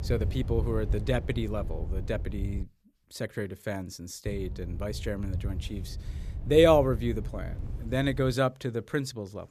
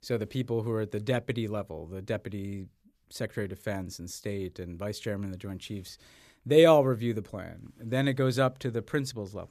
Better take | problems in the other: second | low rumble; faint; until 2.5 s and from 4.5 to 8.5 s; 20 dB below the speech

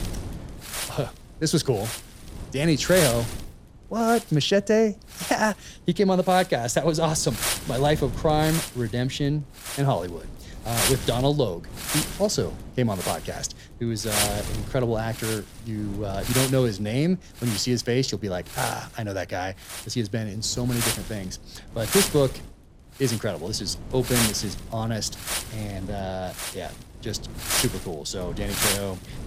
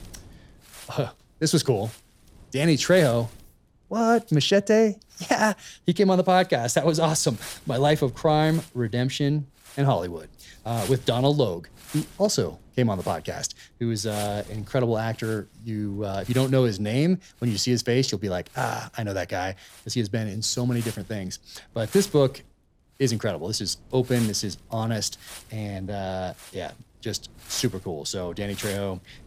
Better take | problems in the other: second | wind noise on the microphone; heavy; 3 dB below the speech; occasional gusts in the second

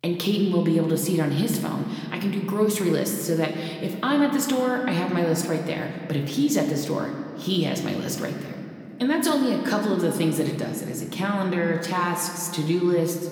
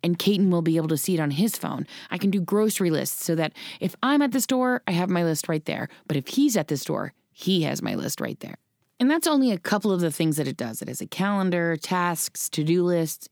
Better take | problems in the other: second | room echo; slight; dies away in 2.2 s // off-mic speech; somewhat distant

